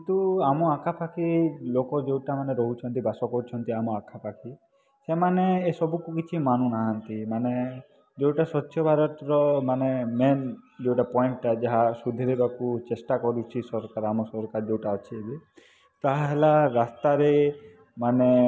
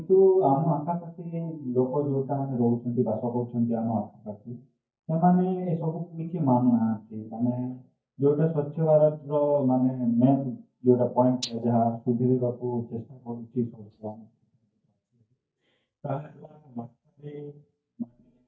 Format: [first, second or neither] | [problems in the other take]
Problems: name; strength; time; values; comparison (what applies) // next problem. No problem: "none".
first | noise reduction (neural mask model DeepFilterNet 3)